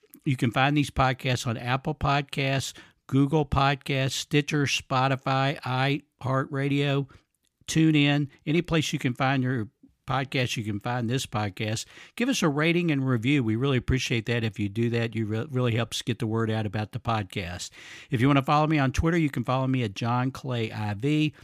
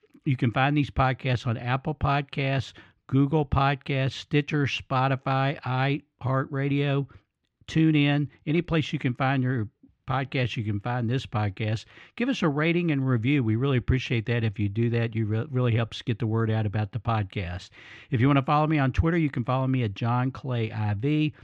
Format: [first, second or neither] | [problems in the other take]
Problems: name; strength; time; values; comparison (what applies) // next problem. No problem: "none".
first | muffled; slightly; fading above 3 kHz